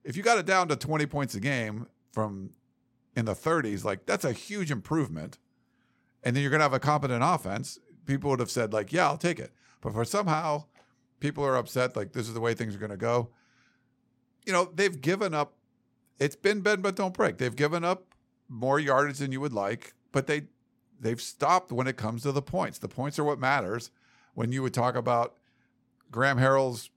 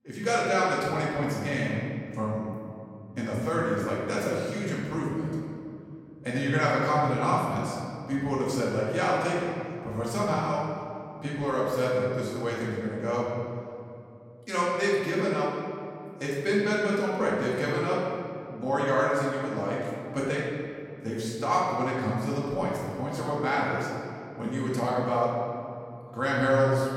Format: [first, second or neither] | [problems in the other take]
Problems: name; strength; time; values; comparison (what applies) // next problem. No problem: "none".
first | room echo; noticeable; dies away in 2.2 s // off-mic speech; far